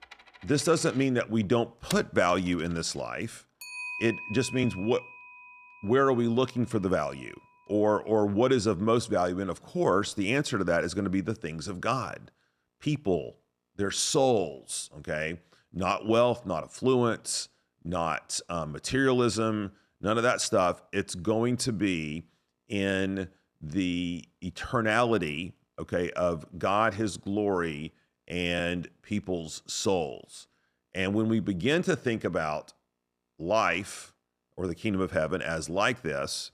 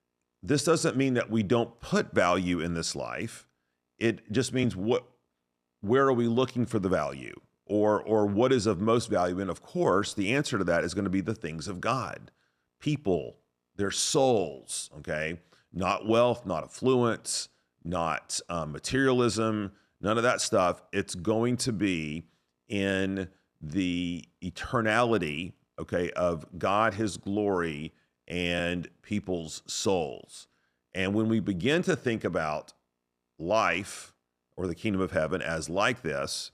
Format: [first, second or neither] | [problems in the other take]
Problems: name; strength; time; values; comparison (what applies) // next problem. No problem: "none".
second | household noises; noticeable; until 9.5 s; 15 dB below the speech